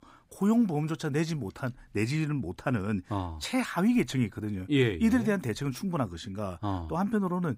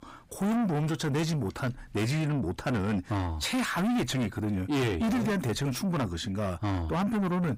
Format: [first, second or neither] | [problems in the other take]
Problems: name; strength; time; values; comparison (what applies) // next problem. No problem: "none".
first | distortion; heavy; 6 dB below the speech